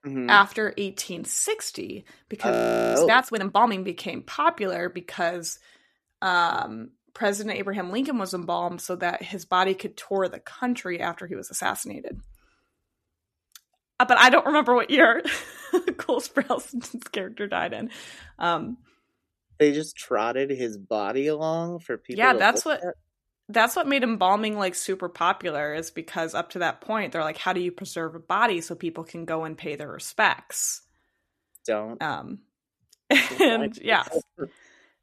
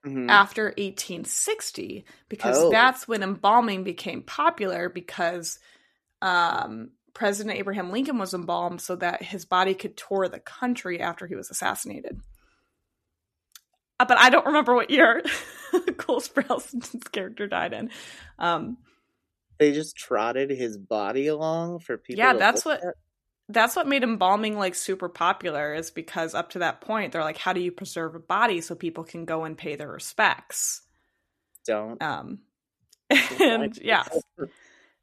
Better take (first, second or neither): second